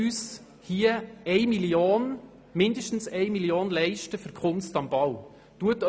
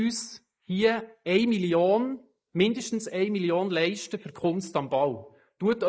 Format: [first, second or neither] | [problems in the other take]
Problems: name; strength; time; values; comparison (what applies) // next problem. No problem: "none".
first | noise reduction (neural mask model Resemble Enhance denoiser)